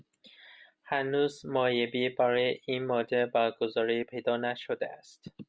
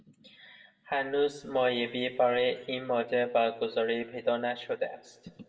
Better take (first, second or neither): first